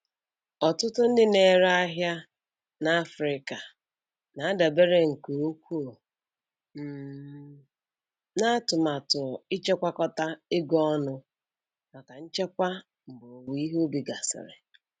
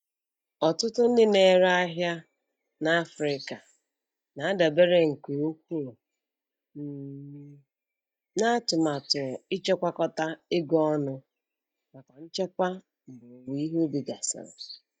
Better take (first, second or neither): first